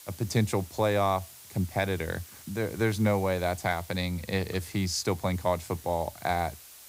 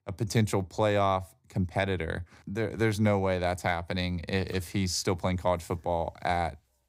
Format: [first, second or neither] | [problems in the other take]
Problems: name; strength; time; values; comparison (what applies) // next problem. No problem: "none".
second | hiss; noticeable; throughout; 15 dB below the speech